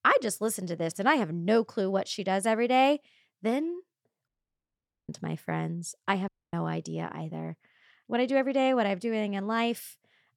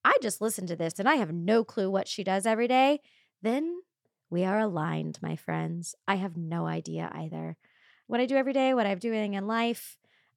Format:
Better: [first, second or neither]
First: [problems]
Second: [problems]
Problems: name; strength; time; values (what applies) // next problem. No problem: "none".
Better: second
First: audio cutting out; at 4.5 s for 1 s and at 6.5 s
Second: none